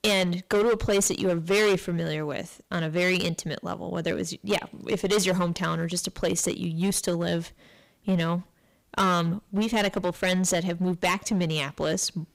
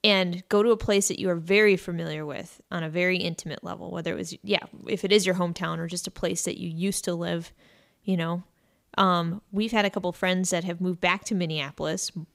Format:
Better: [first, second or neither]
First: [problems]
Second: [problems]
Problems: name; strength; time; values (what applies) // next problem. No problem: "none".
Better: second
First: distortion; heavy; 10% of the sound clipped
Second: none